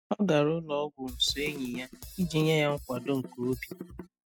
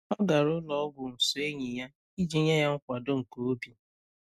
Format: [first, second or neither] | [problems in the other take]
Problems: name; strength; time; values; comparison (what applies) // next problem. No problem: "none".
second | noise reduction (classical method spectral subtraction)